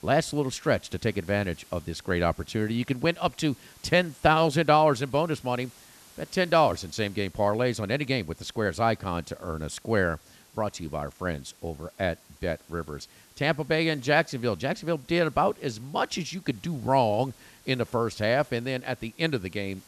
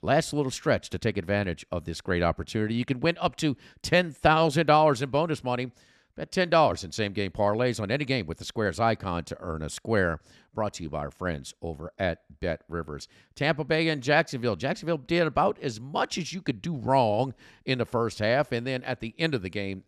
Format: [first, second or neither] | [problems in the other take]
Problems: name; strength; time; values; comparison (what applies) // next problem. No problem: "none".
second | hiss; faint; throughout; 25 dB below the speech